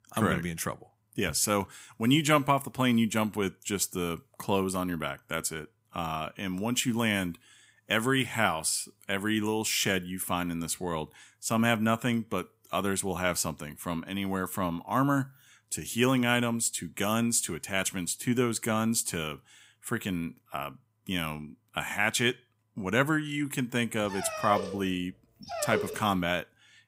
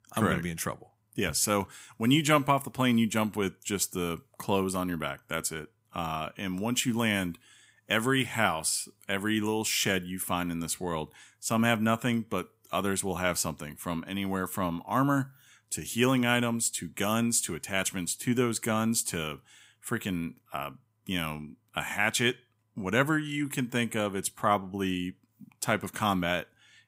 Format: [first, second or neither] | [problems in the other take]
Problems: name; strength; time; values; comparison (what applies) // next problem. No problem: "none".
second | dog barking; noticeable; from 24 to 26 s; peak 3 dB below the speech